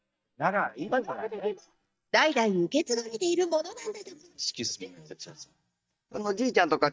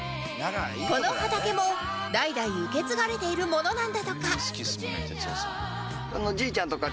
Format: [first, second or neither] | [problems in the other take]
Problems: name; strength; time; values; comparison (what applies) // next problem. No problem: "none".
second | noise reduction (neural mask model DeepFilterNet 3)